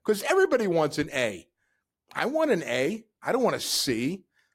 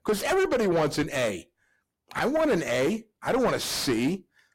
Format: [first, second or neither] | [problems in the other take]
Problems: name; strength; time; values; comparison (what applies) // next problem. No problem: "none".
first | distortion; heavy; 7 dB below the speech